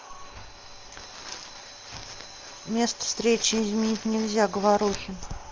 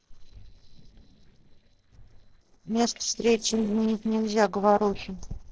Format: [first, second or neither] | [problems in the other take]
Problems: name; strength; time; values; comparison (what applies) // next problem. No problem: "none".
first | noise reduction (neural separator model SepFormer DNS4)